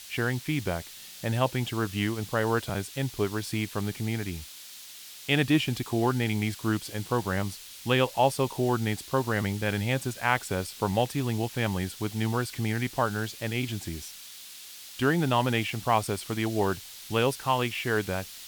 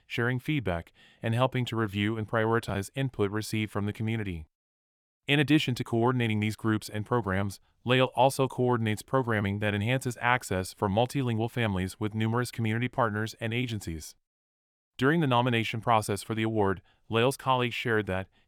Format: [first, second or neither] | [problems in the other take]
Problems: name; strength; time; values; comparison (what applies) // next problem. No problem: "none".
second | hiss; noticeable; throughout; 15 dB below the speech